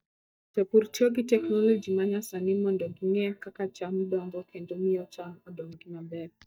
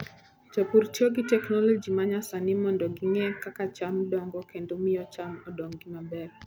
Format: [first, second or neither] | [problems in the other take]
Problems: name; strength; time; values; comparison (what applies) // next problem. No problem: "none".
second | noise reduction (neural mask model DeepFilterNet 3)